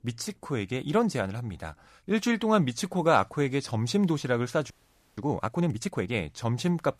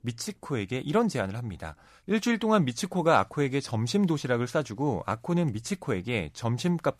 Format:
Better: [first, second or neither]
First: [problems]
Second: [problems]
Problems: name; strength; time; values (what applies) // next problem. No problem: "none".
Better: second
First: audio freezing; at 4.5 s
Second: none